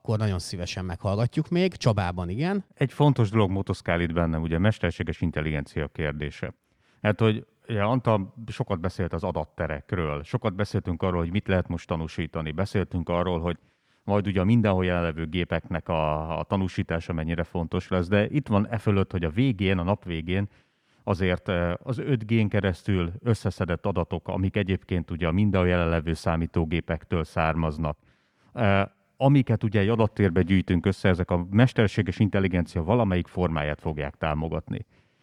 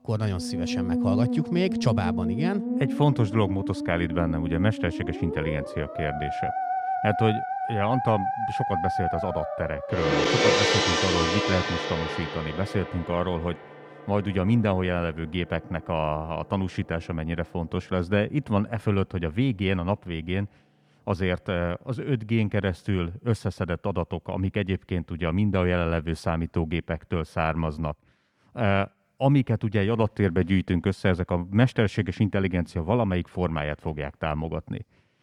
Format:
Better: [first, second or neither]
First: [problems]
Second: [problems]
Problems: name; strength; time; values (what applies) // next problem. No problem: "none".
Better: first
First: none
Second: background music; loud; until 23 s; 1 dB below the speech